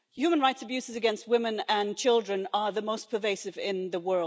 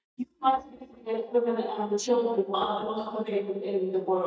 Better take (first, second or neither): first